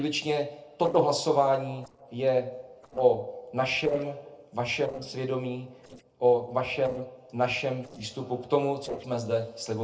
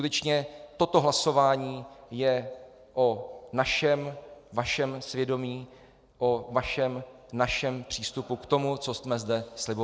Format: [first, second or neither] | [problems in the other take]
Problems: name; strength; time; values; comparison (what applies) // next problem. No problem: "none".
second | noise reduction (neural separator model SepFormer DNS4)